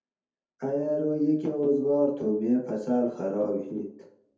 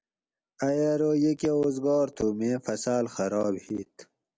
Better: second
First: room echo; dies away in 0.5 s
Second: none

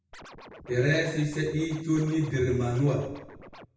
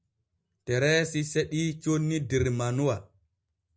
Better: second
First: background sound (Scratching (performance technique)); 19 dB below the speech // room echo; dies away in 0.8 s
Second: none

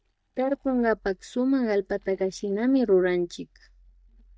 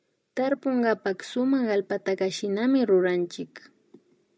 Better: second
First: noise reduction (neural mask model DeepFilterNet 3)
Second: none

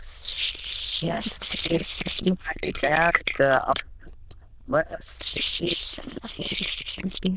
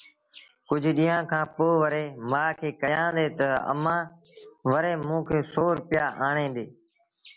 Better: second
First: noise reduction (neural diffusion model UNIVERSE++)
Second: none

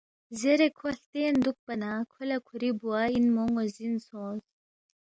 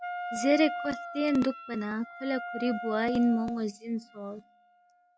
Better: first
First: none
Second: noise reduction (classical method log-MMSE)

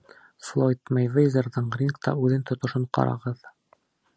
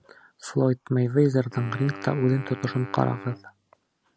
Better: first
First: none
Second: background sound (Wind instrument, woodwind instrument); 16 dB below the speech

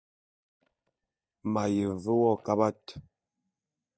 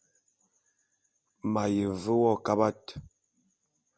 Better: second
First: noise reduction (neural mask model DeepFilterNet 3)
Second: none

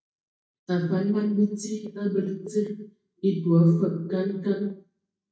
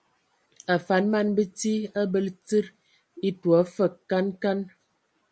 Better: second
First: noise reduction (neural mask model DeepFilterNet 3)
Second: none

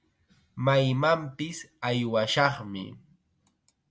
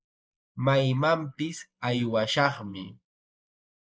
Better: first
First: none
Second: noise reduction (neural mask model Resemble Enhance denoiser)

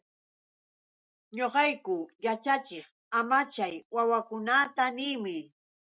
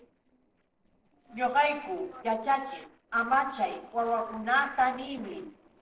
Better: first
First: none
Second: noise reduction (neural separator model SepFormer DNS4)

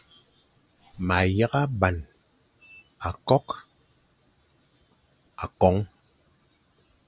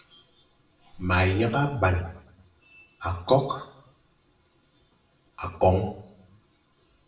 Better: first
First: none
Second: room echo; dies away in 0.7 s

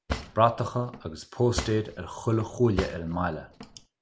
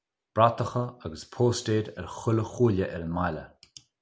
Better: second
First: background sound (Cutlery, silverware / Drawer open or close); 10 dB below the speech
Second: none

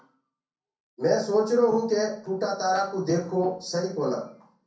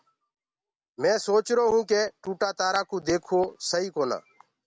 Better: second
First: room echo; dies away in 0.5 s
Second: none

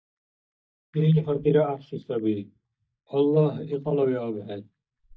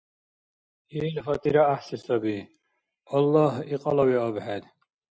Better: second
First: noise reduction (neural mask model DeepFilterNet 3)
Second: none

